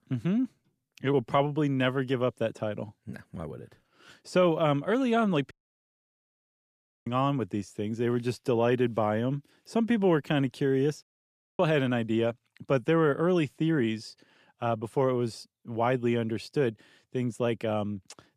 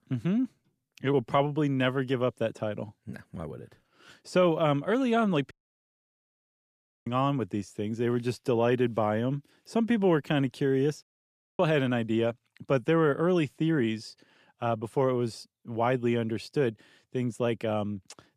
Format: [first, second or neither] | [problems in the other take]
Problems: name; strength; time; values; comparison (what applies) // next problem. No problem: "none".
neither | audio cutting out; at 5.5 s for 1.5 s and at 11 s for 0.5 s; the same in both